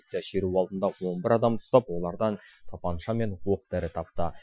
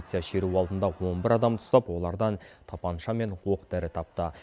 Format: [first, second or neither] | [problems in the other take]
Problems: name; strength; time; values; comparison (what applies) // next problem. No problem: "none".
second | noise reduction (classical method Wiener filter)